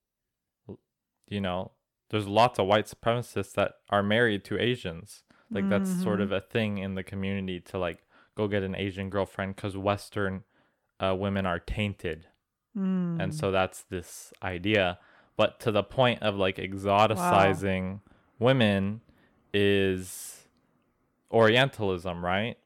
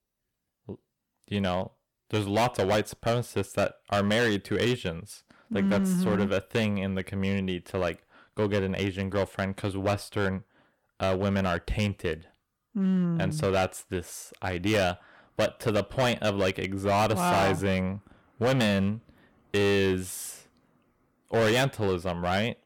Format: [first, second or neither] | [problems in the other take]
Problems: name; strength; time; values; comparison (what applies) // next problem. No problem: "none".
first | distortion; heavy; 8% of the sound clipped